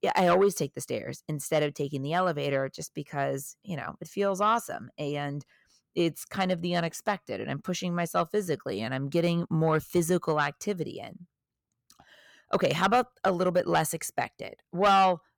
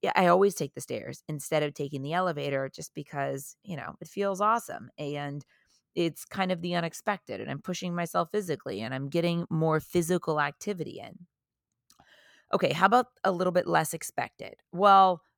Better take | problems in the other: second | distortion; slight; 10 dB below the speech

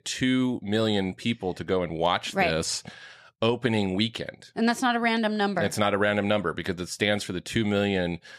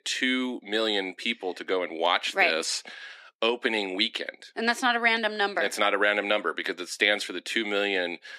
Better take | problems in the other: first | thin; somewhat; fading below 250 Hz

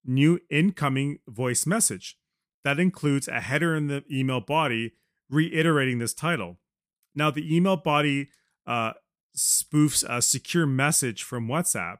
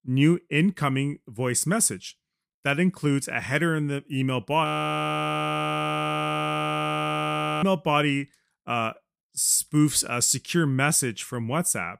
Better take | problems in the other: first | audio freezing; at 4.5 s for 3 s

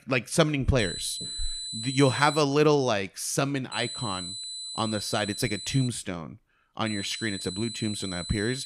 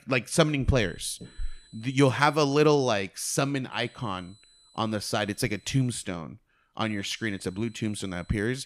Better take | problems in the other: second | high-pitched whine; loud; from 1 to 2.5 s, from 3.5 to 6 s and from 7 s on; 4 kHz, 7 dB below the speech; faint in the second

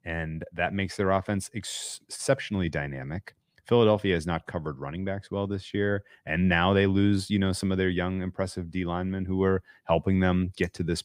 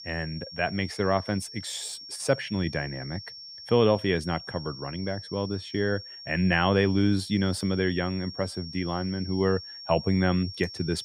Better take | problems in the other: first | high-pitched whine; noticeable; throughout; 5.5 kHz, 10 dB below the speech

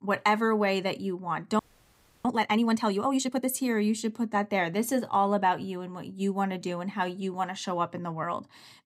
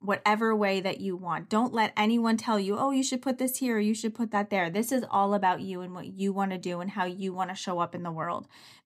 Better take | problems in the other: second | audio freezing; at 1.5 s for 0.5 s

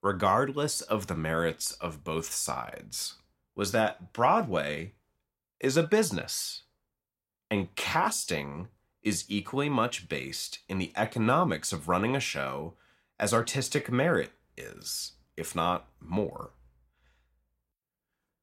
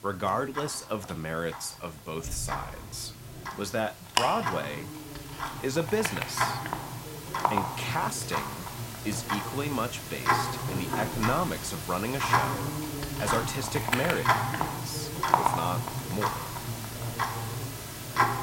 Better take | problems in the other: first | household noises; very loud; throughout; 2 dB above the speech

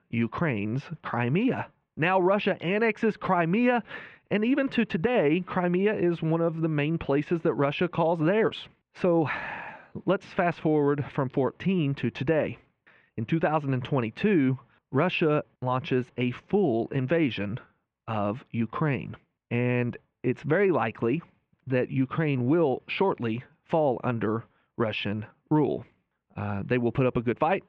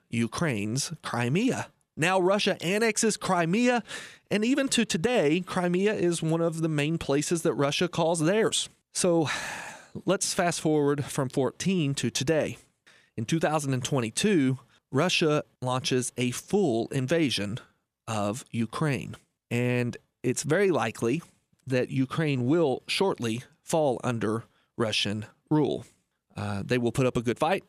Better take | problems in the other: second | muffled; very; fading above 2.5 kHz

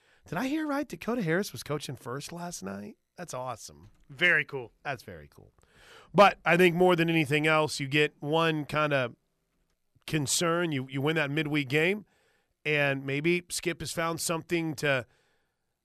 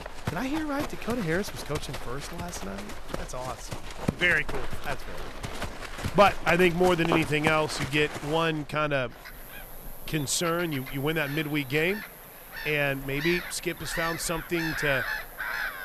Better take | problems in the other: first | animal sounds; loud; throughout; 8 dB below the speech

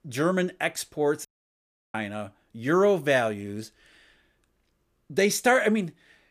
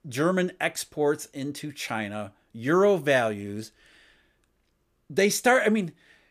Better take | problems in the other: second | audio cutting out; at 1.5 s for 0.5 s

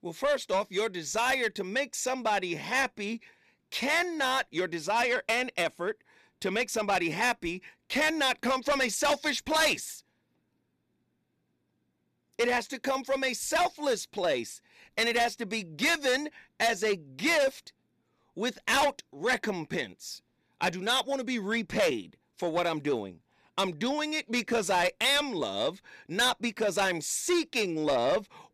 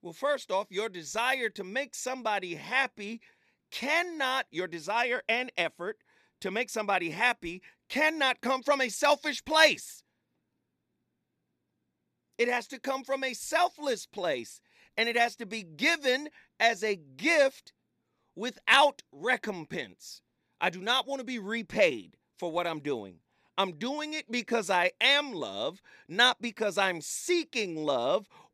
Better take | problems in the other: second | distortion; heavy; 6 dB below the speech

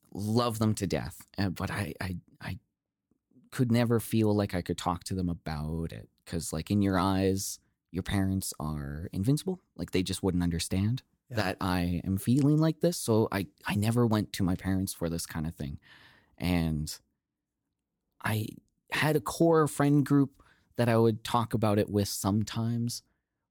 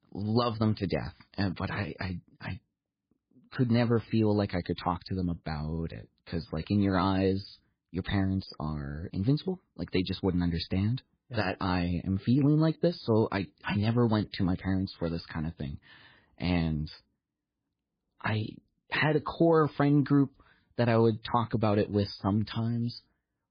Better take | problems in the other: first | garbled, watery; badly; nothing above 4.5 kHz

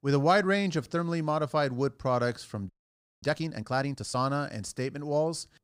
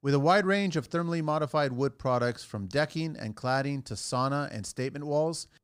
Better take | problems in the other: second | audio freezing; at 2.5 s for 0.5 s

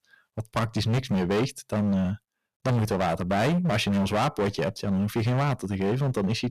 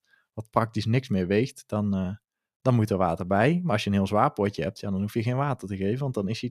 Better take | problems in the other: second | distortion; heavy; 21% of the sound clipped

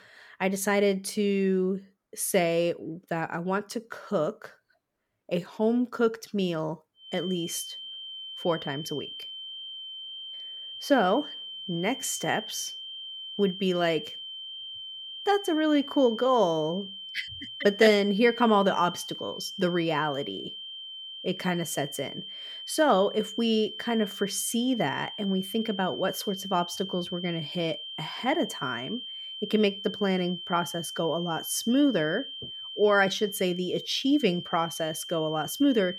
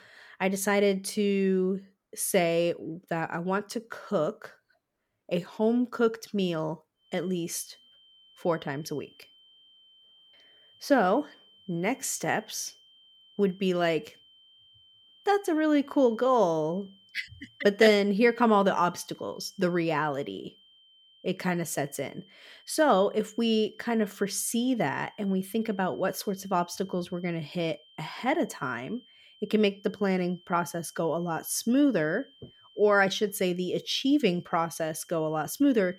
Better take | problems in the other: second | high-pitched whine; loud; from 7 s on; 3 kHz, 9 dB below the speech; faint in the second

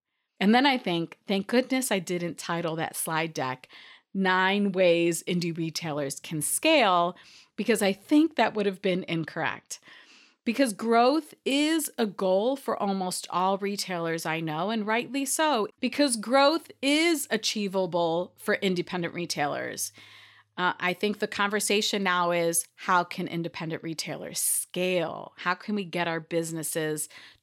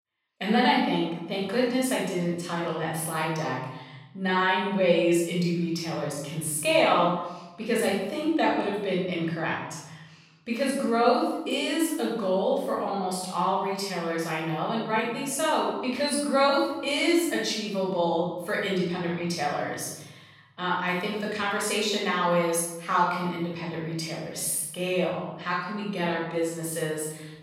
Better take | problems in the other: first | off-mic speech; far // room echo; noticeable; dies away in 1.1 s

